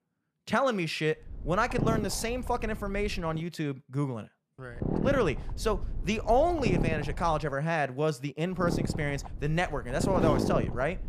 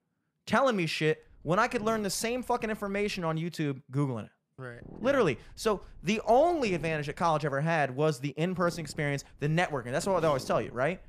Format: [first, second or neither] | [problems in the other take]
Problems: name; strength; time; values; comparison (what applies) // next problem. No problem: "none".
second | low rumble; loud; from 1.5 to 3.5 s, from 5 to 7.5 s and from 8.5 s on; 7 dB below the speech; faint in the second